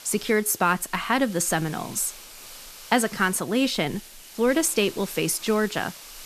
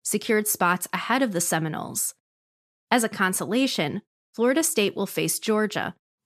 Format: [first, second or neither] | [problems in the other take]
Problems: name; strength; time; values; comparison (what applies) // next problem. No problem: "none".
second | hiss; noticeable; throughout; 15 dB below the speech